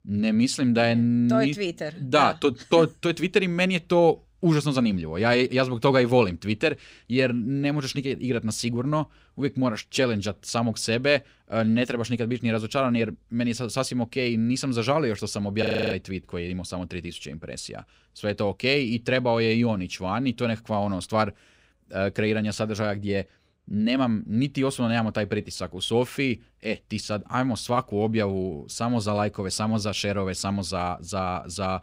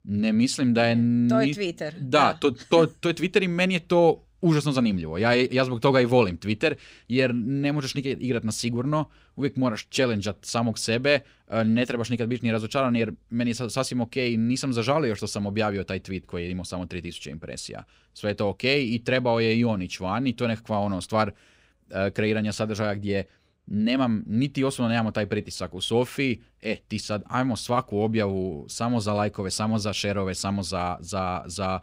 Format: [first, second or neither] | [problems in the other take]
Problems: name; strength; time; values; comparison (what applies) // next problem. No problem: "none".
second | audio freezing; at 16 s